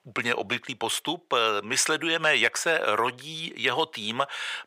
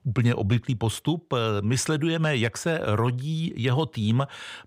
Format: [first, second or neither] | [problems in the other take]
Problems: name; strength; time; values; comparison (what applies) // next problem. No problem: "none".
second | thin; very; fading below 550 Hz